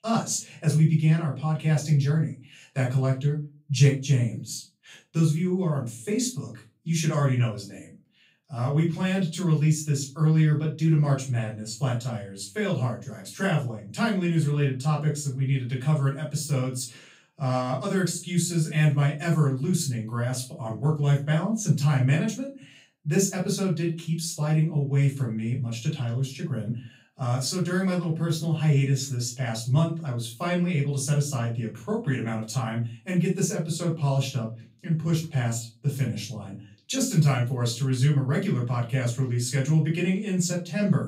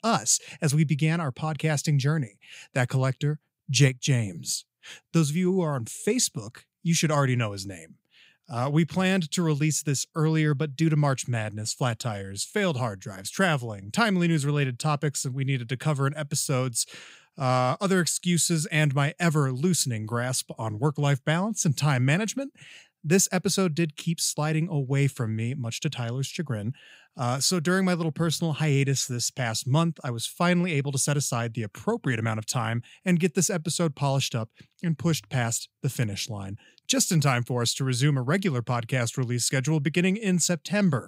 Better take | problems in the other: second | off-mic speech; far // room echo; slight; dies away in 0.3 s

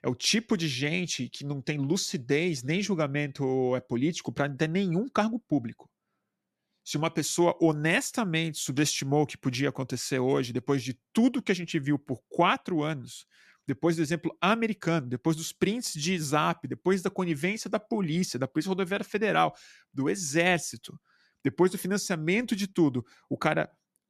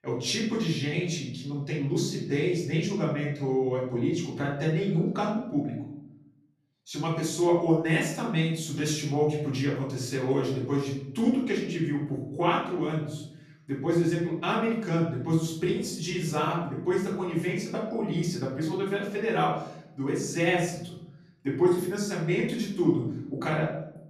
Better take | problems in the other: first | off-mic speech; far // room echo; noticeable; dies away in 0.8 s

